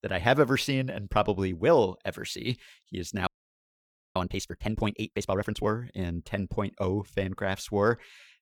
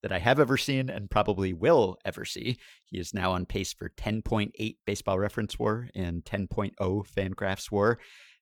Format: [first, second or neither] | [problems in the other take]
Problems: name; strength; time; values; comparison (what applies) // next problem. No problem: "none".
second | audio freezing; at 3.5 s for 1 s